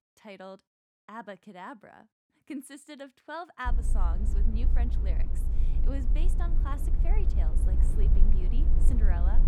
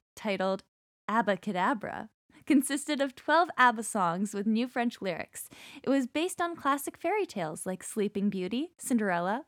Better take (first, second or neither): second